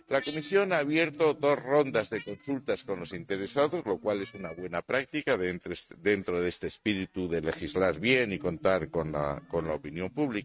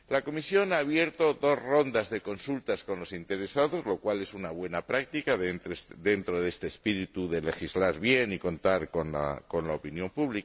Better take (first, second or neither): second